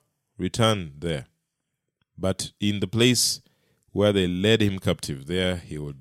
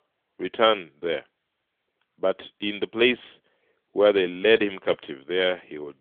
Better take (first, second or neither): first